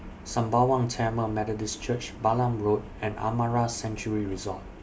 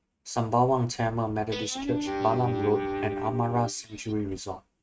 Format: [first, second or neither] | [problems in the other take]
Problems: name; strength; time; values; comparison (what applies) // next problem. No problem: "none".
first | noise reduction (neural mask model RNNoise)